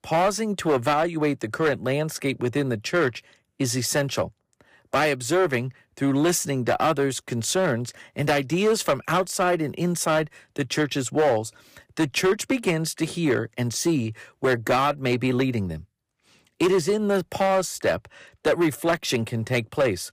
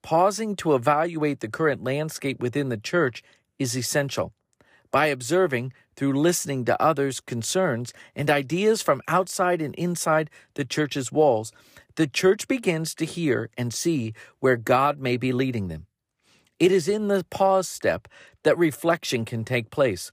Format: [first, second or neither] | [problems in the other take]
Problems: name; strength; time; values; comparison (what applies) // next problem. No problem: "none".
second | distortion; slight; 7% of the sound clipped